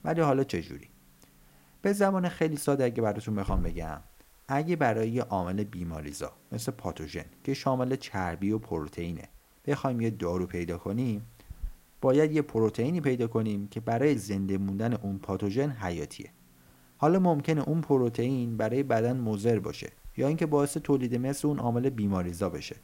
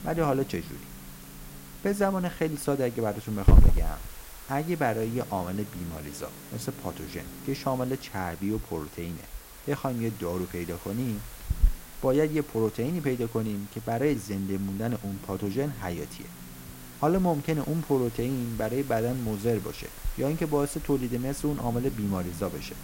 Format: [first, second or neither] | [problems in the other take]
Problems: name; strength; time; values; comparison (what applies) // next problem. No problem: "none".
first | hiss; loud; throughout; 6 dB below the speech; faint in the first